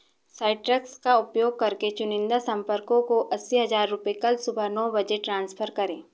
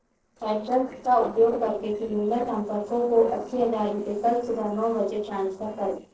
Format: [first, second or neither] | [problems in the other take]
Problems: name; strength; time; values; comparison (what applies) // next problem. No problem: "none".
first | noise reduction (neural separator model SepFormer DNS4)